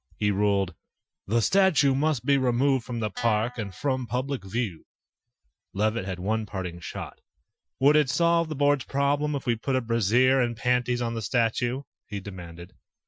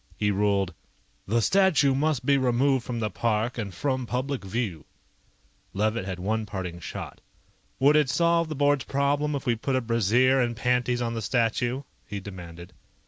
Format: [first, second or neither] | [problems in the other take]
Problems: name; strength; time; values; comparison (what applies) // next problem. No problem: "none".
second | noise reduction (classical method Wiener filter)